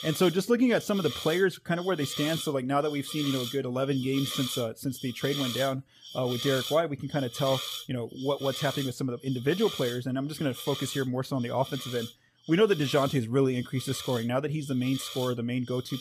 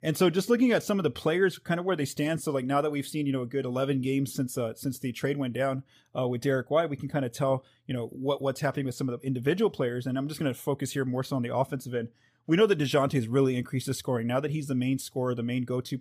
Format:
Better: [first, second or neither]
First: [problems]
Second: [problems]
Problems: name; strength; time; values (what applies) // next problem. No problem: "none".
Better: second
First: hiss; loud; throughout; 8 dB below the speech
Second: none